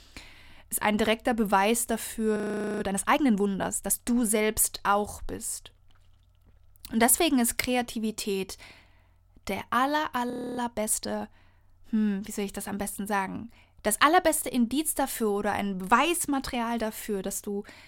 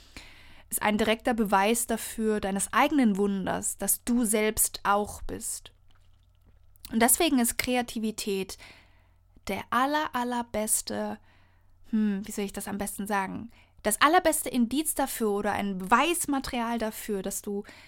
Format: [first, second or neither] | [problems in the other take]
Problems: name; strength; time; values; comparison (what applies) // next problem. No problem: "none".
second | audio freezing; at 2.5 s and at 10 s